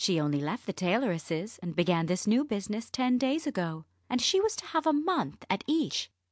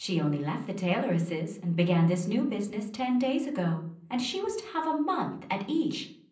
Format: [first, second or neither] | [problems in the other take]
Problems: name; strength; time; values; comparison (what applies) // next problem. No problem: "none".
first | room echo; dies away in 0.6 s